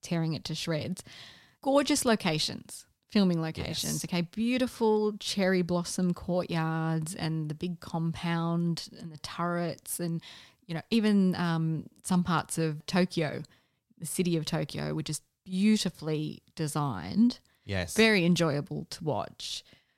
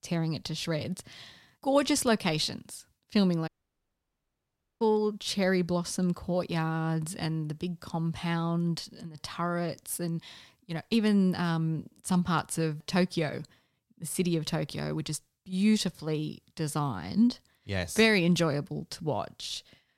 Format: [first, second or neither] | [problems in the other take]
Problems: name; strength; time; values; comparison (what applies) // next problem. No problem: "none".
first | audio cutting out; at 3.5 s for 1.5 s